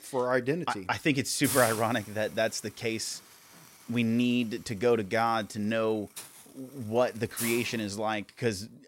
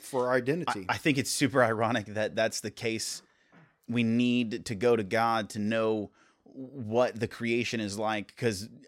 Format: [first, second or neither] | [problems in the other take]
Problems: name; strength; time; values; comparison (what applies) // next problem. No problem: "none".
second | hiss; loud; throughout; 7 dB below the speech